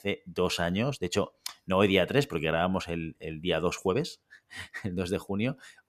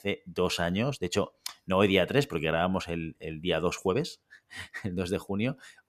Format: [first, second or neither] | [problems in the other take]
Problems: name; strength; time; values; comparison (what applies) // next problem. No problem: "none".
neither | none